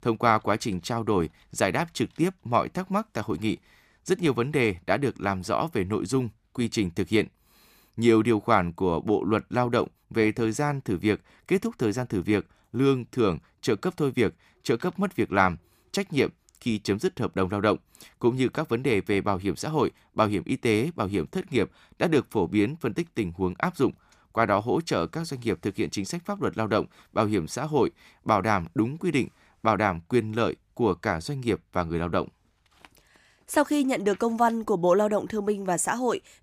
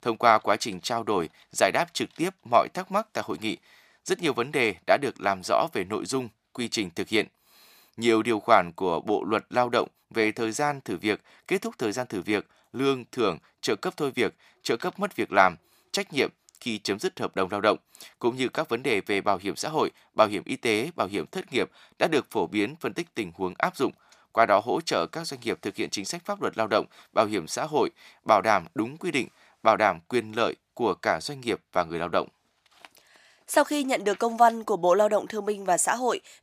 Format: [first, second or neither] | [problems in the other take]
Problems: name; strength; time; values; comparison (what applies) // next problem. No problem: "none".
first | thin; somewhat; fading below 1 kHz